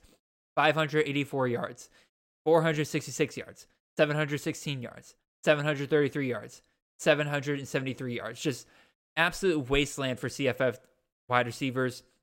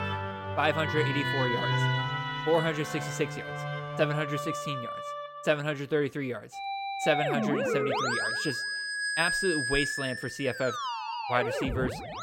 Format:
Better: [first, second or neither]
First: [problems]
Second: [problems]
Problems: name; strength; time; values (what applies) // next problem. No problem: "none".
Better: first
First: none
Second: background music; loud; throughout; as loud as the speech